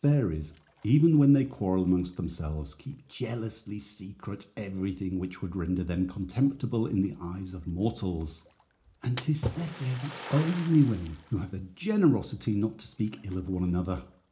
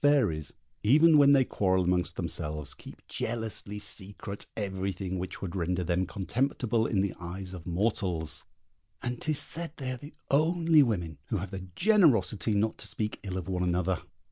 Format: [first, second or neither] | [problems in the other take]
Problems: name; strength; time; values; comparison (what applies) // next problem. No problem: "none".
second | background sound (Splash, splatter); 18 dB below the speech // room echo; dies away in 0.4 s